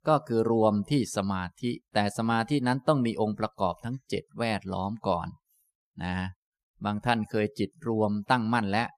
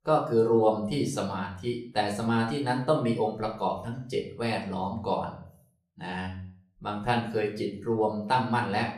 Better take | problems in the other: first | room echo; slight; dies away in 0.4 s // off-mic speech; somewhat distant

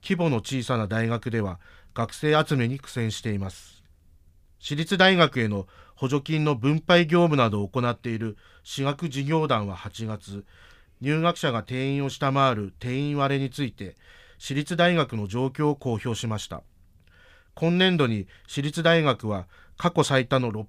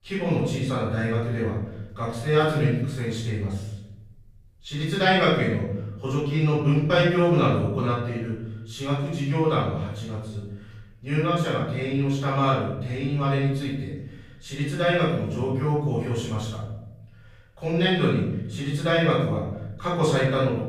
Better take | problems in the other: first | off-mic speech; far // room echo; noticeable; dies away in 0.9 s

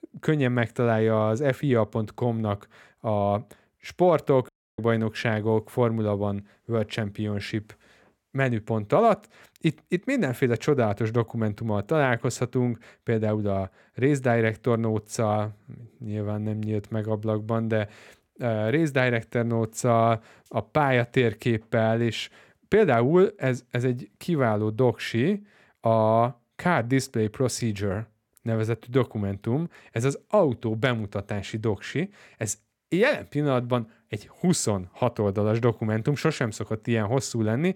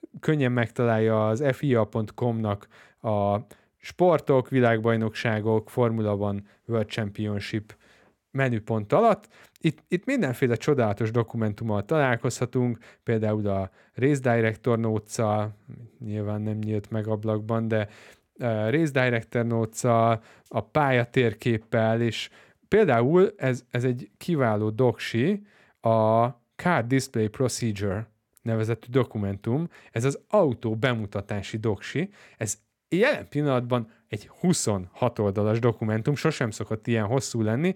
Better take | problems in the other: second | audio cutting out; at 4.5 s

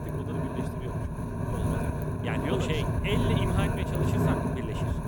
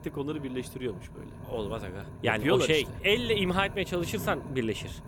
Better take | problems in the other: second | wind noise on the microphone; heavy; 3 dB above the speech; occasional gusts in the second

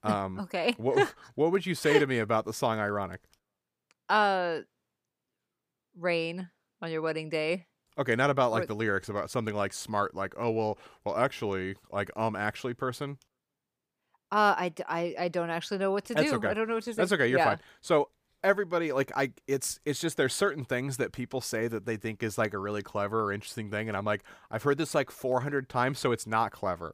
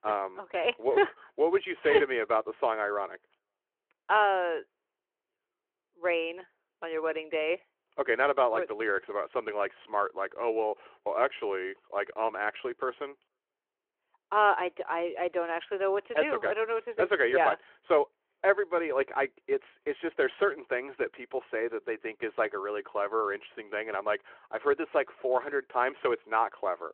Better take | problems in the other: first | phone-call audio

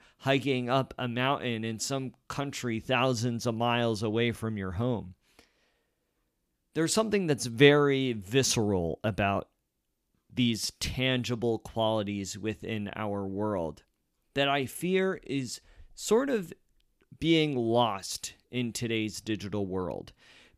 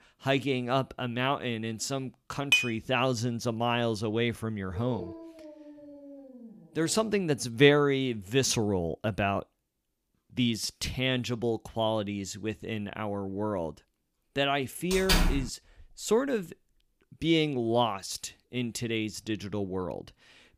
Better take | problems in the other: first | clattering dishes; loud; at 2.5 s; peak 5 dB above the speech // dog barking; faint; from 4.5 to 7 s; peak 10 dB below the speech // door banging; loud; at 15 s; peak 4 dB above the speech

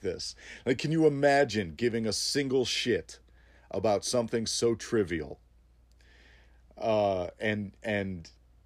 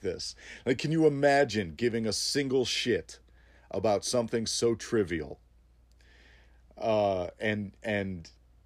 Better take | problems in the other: neither | none

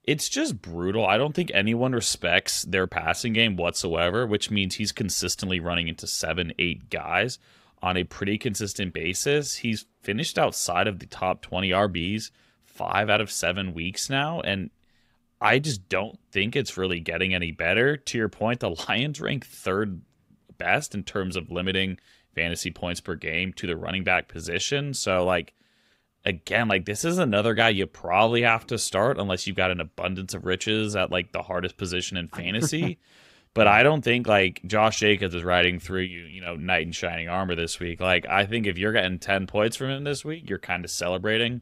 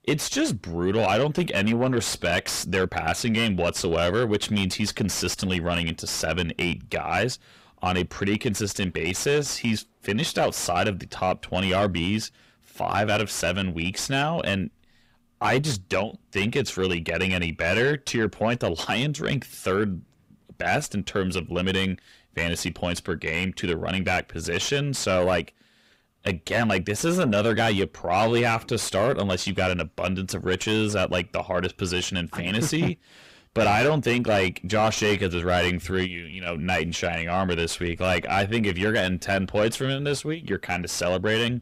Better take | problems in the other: first | distortion; heavy; 7 dB below the speech

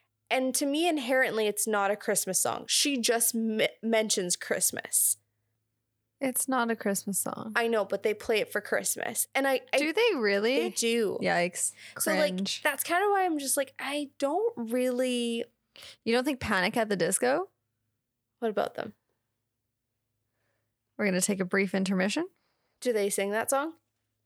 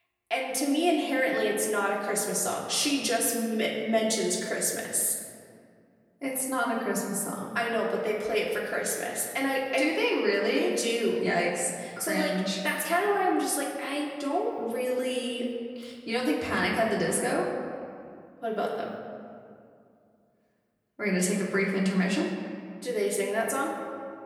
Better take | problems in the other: first | off-mic speech; far // room echo; noticeable; dies away in 1.9 s

